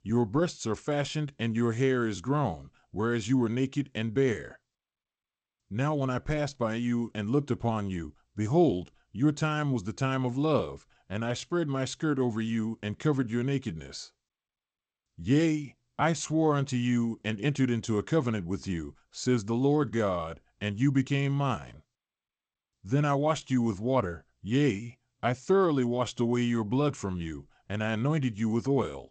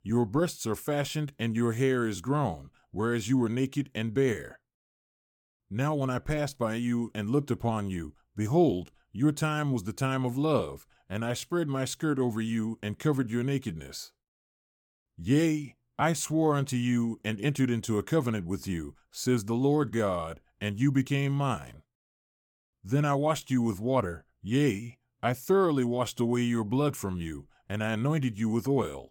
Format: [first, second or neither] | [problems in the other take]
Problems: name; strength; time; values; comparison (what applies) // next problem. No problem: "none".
second | garbled, watery; slightly; nothing above 8 kHz